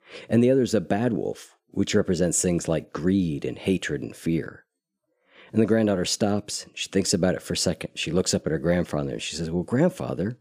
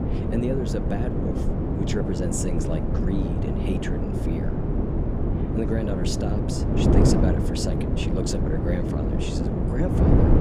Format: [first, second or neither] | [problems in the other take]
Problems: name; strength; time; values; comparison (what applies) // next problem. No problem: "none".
first | wind noise on the microphone; heavy; 2 dB above the speech